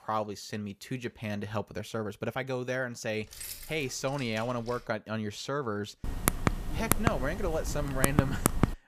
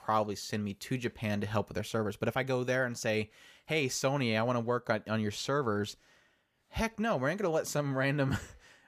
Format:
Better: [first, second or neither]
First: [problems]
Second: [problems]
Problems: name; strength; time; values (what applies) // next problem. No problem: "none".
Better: second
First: jangling keys; noticeable; from 3 to 5 s; peak 6 dB below the speech // keyboard typing; loud; from 6 s on; peak 6 dB above the speech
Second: none